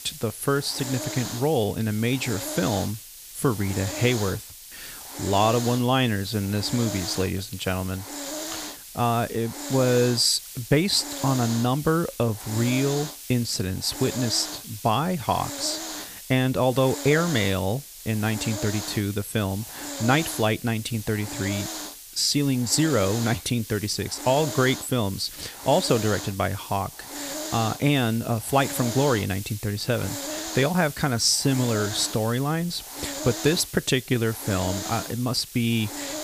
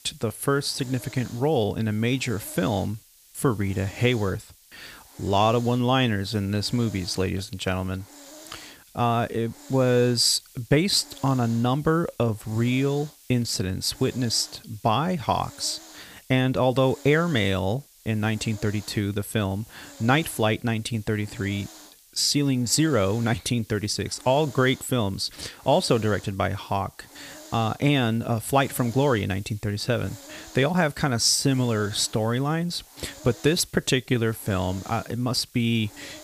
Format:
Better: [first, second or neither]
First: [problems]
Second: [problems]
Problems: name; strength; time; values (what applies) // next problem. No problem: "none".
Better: second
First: hiss; loud; throughout; 9 dB below the speech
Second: hiss; faint; throughout; 20 dB below the speech